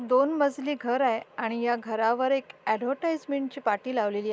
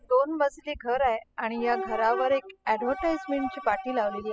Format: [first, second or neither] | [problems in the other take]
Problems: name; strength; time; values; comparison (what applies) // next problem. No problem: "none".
first | noise reduction (classical method spectral subtraction)